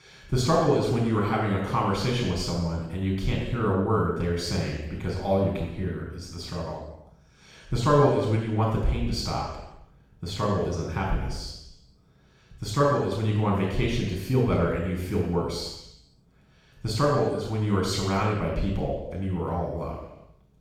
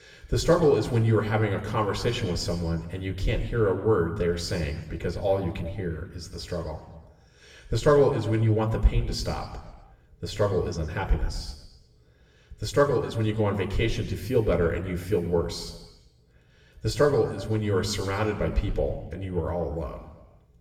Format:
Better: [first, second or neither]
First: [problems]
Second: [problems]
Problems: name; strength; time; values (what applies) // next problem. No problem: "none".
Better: second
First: room echo; strong; dies away in 0.9 s // off-mic speech; far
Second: room echo; slight; dies away in 1 s // off-mic speech; somewhat distant